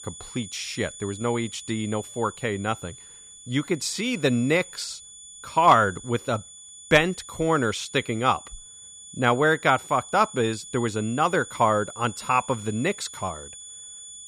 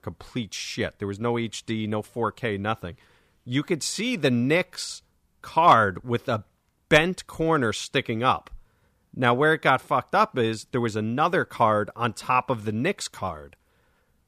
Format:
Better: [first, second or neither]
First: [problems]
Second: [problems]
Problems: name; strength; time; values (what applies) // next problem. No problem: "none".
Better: second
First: high-pitched whine; noticeable; throughout; 7 kHz, 15 dB below the speech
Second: none